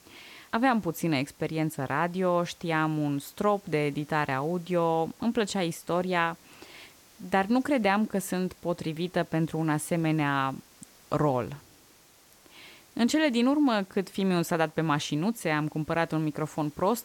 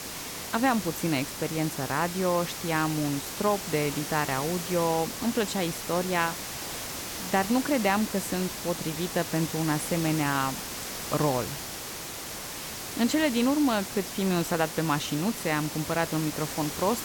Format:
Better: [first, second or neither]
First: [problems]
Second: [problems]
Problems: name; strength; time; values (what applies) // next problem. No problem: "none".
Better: first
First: hiss; faint; throughout; 25 dB below the speech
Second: hiss; loud; throughout; 6 dB below the speech